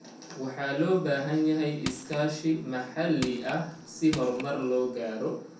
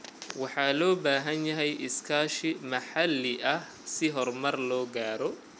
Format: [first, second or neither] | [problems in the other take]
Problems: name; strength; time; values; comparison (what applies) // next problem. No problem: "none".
second | background sound (Crushing); 12 dB below the speech // room echo; dies away in 0.6 s